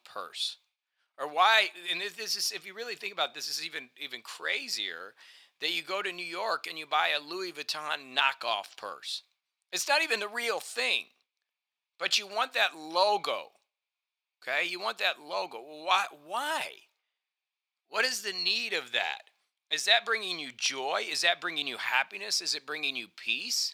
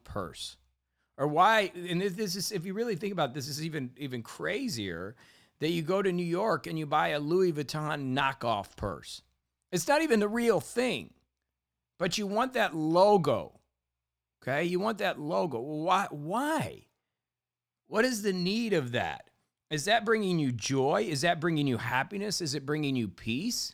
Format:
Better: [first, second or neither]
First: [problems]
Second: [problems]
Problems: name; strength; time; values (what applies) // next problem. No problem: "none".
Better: second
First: thin; very; fading below 750 Hz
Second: none